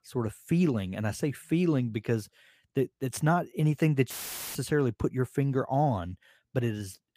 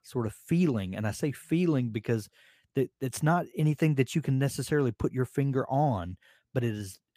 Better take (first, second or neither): second